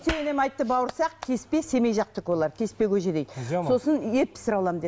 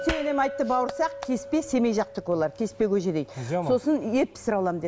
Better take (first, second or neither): first